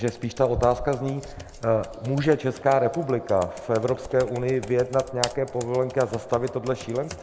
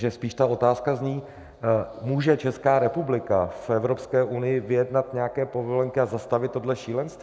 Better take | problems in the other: second | background sound (Computer keyboard); 14 dB below the speech

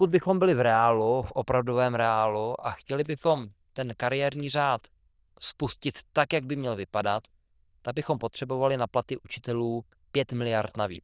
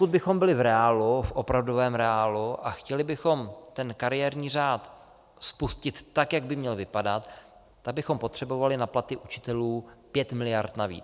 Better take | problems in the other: second | noise reduction (neural diffusion model UNIVERSE++)

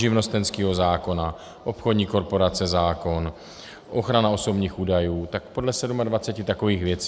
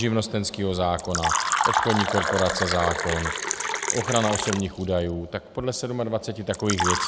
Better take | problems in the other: first | background sound (Fill (with liquid)); 2 dB below the speech

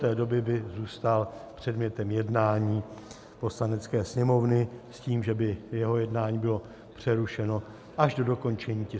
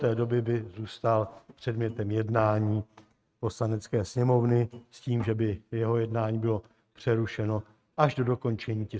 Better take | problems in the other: first | noise reduction (neural mask model RNNoise)

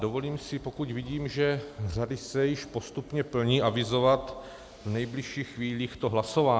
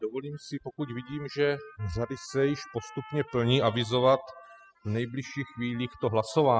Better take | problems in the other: first | noise reduction (classical method spectral subtraction)

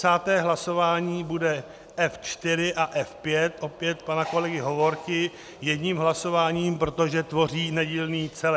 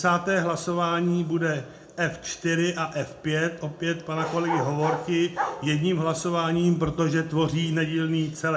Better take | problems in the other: first | background sound (Bark); 8 dB below the speech // room echo; dies away in 0.4 s

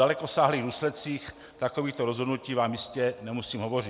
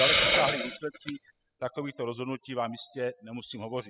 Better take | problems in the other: first | noise reduction (classical method spectral subtraction)

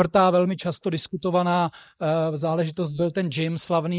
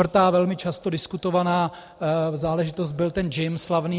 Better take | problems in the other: second | noise reduction (neural mask model Resemble Enhance denoiser)

